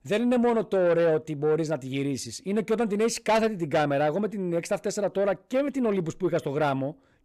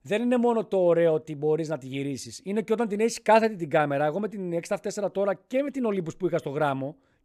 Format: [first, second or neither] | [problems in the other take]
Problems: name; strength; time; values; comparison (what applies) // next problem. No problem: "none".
second | distortion; slight; 10 dB below the speech